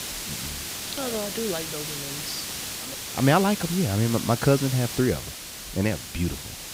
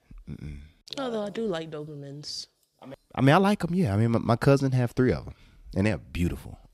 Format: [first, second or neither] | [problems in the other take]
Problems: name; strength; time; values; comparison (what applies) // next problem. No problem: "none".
second | hiss; loud; throughout; 6 dB below the speech